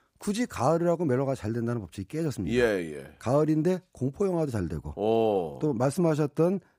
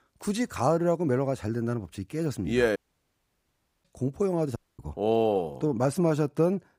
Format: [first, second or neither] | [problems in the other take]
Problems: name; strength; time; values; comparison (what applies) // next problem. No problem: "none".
first | audio cutting out; at 3 s for 1 s and at 4.5 s